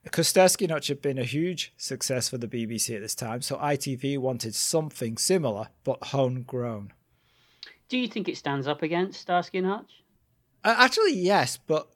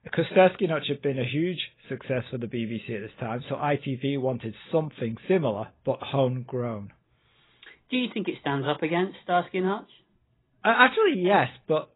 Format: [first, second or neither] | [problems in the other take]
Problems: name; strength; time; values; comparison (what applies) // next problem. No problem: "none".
first | garbled, watery; badly; nothing above 4 kHz